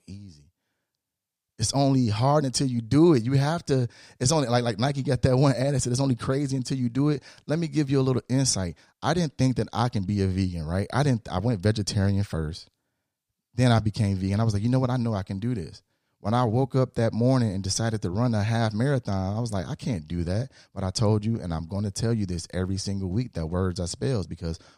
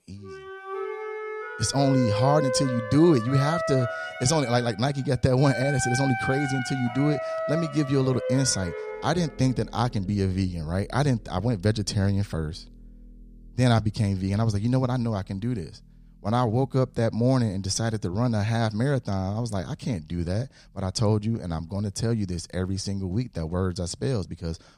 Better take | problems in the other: first | background music; loud; throughout; 6 dB below the speech

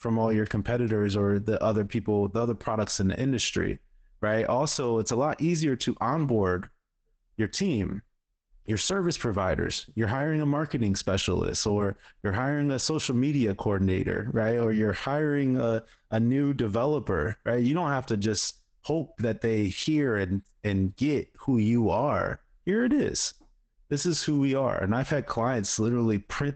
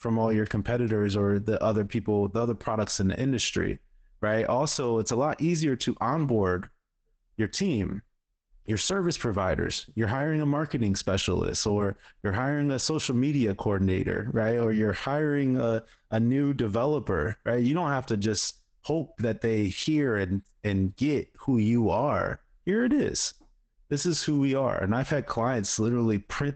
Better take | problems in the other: neither | garbled, watery; badly; nothing above 8 kHz; the same in both

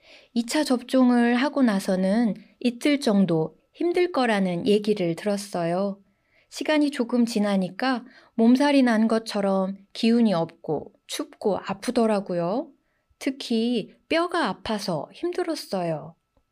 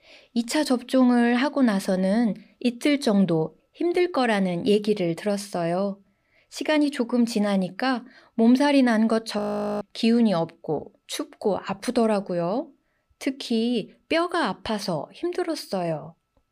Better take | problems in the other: first | audio freezing; at 9.5 s

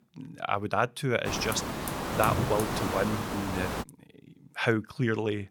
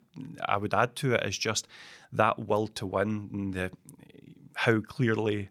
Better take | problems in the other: second | hiss; loud; from 1.5 to 4 s; 2 dB below the speech

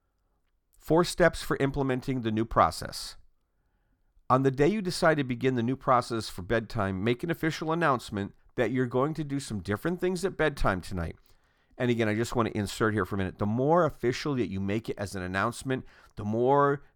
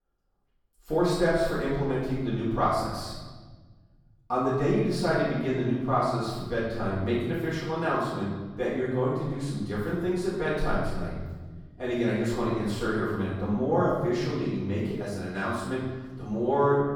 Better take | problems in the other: first | off-mic speech; far // room echo; strong; dies away in 1.4 s

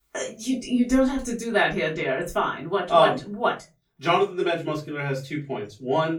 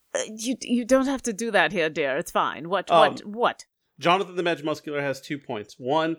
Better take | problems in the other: second | off-mic speech; far // room echo; very slight; dies away in 0.3 s

